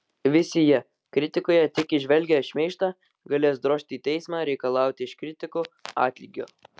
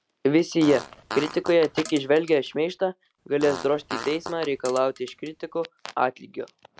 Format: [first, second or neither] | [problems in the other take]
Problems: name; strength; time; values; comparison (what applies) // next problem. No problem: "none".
first | background sound (Fart); 14 dB below the speech